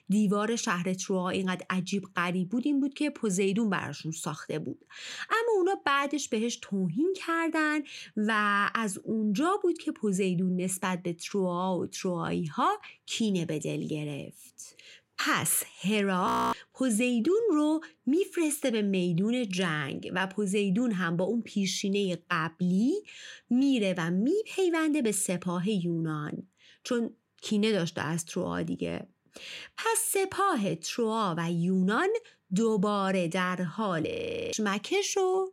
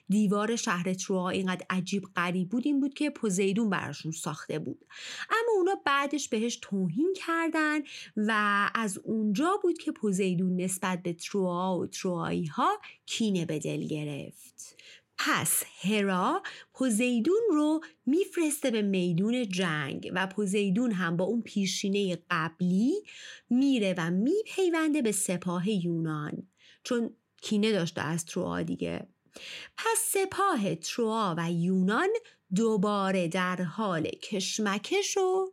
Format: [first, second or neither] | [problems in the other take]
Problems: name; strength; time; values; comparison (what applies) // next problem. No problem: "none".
second | audio freezing; at 16 s and at 34 s